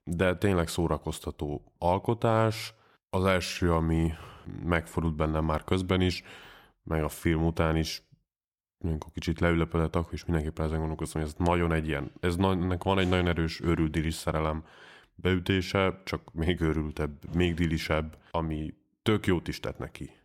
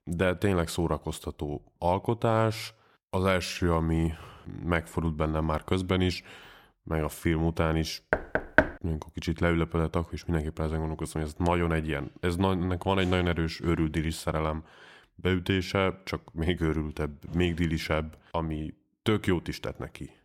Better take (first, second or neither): first